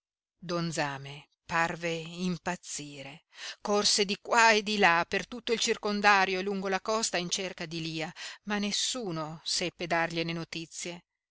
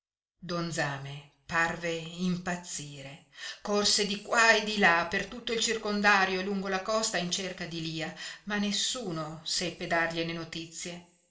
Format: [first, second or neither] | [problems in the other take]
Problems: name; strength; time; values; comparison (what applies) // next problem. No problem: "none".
first | room echo; dies away in 0.8 s